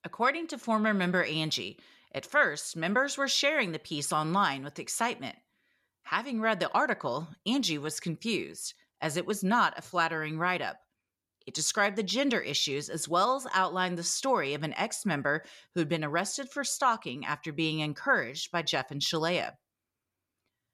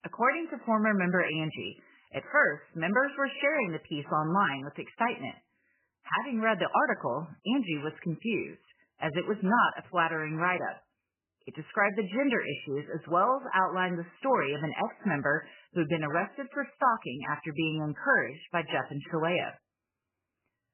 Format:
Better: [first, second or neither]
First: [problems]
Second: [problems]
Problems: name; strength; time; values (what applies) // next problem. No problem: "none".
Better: first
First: none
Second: garbled, watery; badly; nothing above 3 kHz